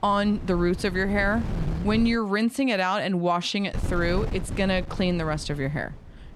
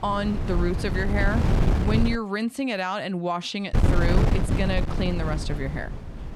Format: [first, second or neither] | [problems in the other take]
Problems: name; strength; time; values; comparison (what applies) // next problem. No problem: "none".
first | wind noise on the microphone; heavy; until 2 s and from 3.5 s on; 4 dB below the speech; occasional gusts in the first